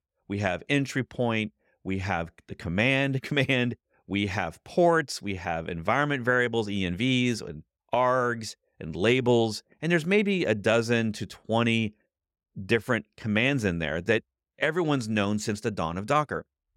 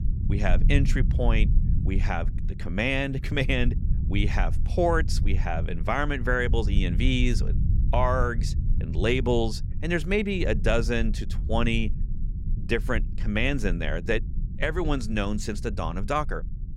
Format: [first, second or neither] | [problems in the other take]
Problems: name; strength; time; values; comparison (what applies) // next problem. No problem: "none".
first | low rumble; noticeable; throughout; 15 dB below the speech